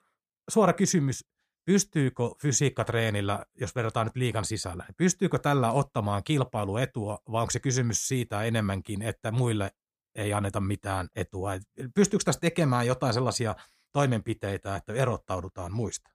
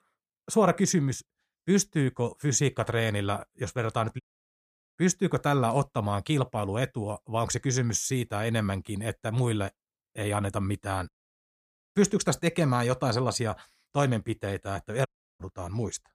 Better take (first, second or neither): first